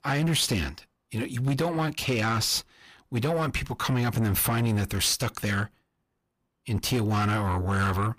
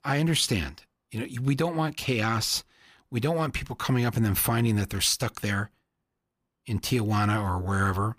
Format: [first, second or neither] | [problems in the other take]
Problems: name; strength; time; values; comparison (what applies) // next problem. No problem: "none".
second | distortion; slight; 10 dB below the speech